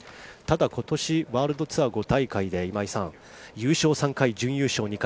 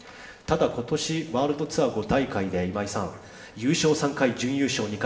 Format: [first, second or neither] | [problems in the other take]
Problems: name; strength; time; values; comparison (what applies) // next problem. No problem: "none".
first | room echo; dies away in 0.9 s